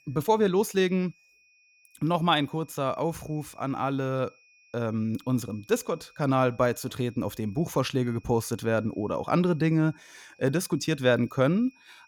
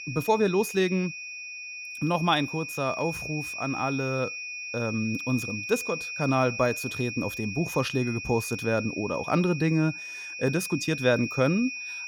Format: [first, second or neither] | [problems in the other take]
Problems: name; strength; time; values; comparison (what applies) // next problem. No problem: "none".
first | high-pitched whine; loud; throughout; 2.5 kHz, 7 dB below the speech; faint in the first